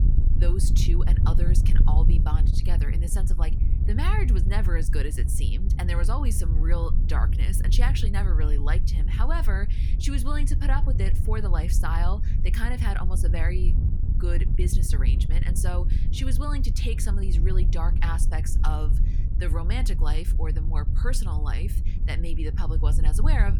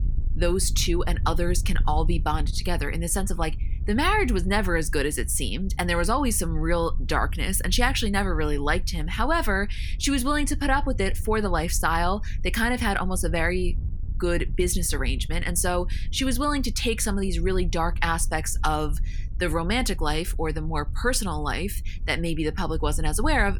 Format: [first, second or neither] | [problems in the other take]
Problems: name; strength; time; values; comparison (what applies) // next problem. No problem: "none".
second | wind noise on the microphone; heavy; 7 dB below the speech; occasional gusts in the second